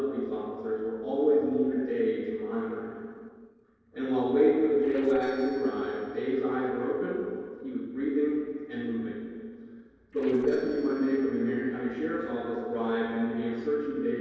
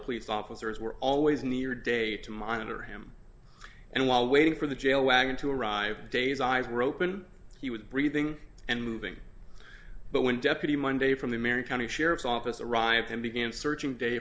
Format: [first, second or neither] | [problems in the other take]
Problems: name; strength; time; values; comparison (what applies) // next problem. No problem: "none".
second | noise reduction (neural separator model SepFormer DNS4)